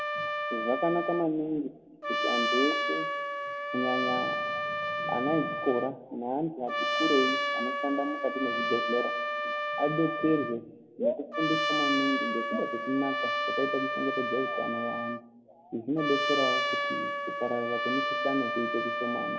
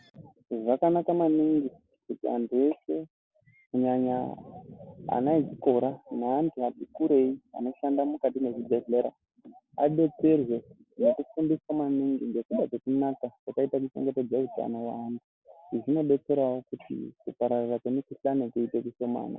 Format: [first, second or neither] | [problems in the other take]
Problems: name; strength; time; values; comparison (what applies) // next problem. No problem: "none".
second | background sound (Trumpet); as loud as the speech // room echo; dies away in 1.6 s